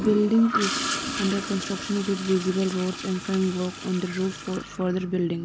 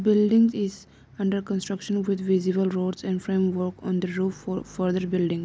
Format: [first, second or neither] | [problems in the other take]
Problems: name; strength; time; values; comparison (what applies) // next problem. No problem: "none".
second | background sound (Toilet flush / Gurgling); 8 dB below the speech